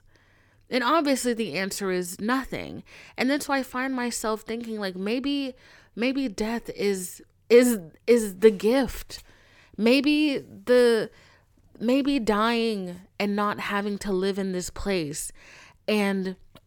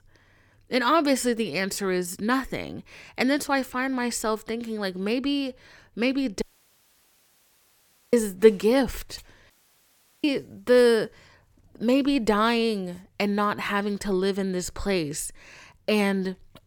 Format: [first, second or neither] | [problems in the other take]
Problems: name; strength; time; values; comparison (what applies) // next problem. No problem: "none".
first | audio cutting out; at 6.5 s for 1.5 s and at 9.5 s for 0.5 s